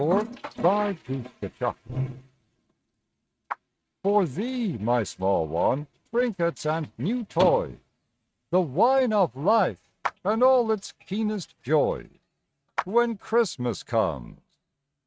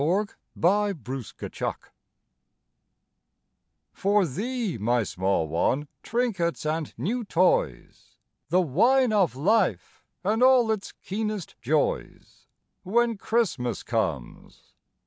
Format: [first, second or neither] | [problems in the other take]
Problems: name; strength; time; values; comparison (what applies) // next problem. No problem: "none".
second | noise reduction (neural mask model RNNoise)